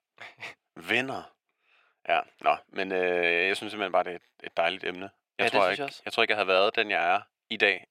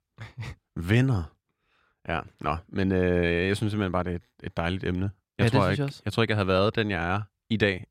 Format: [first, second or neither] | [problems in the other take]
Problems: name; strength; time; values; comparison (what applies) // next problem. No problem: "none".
second | thin; very; fading below 450 Hz